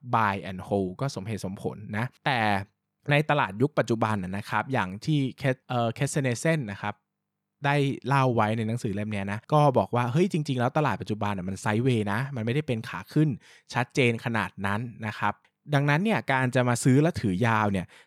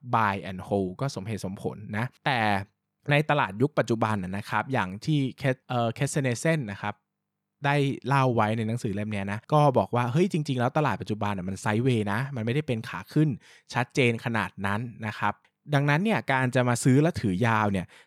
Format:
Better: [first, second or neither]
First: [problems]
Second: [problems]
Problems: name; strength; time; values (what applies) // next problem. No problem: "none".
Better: neither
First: none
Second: none